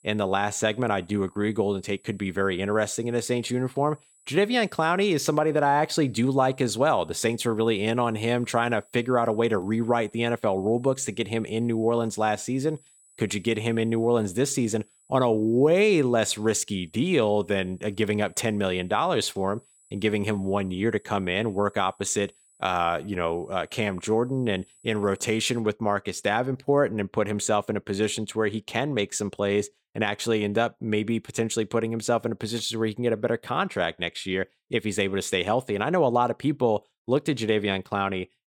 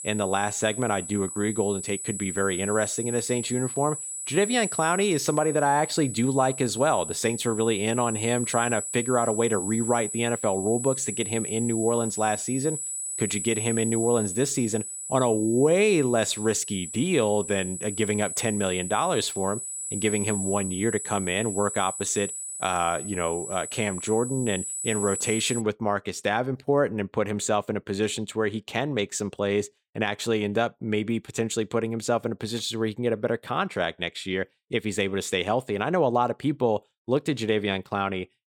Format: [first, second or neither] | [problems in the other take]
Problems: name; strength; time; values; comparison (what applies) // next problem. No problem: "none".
first | high-pitched whine; loud; until 26 s; 8 kHz, 5 dB below the speech; faint in the first